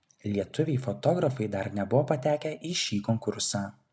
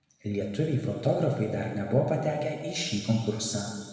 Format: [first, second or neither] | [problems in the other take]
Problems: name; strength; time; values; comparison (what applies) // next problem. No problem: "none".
first | room echo; dies away in 1.5 s